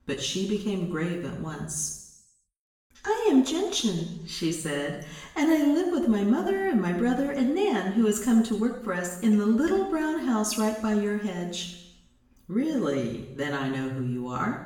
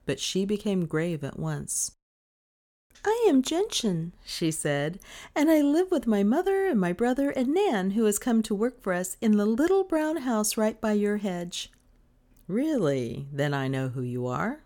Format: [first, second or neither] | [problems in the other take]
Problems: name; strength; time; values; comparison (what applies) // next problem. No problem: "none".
second | room echo; noticeable; dies away in 0.8 s // off-mic speech; far